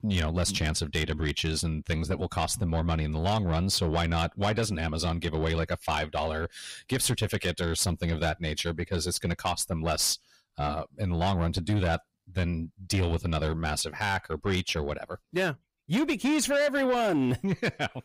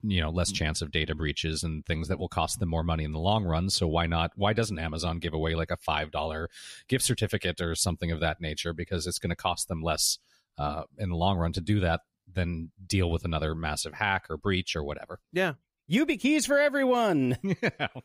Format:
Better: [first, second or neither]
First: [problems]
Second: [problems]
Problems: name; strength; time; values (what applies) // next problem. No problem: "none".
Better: second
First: distortion; slight; 10 dB below the speech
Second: none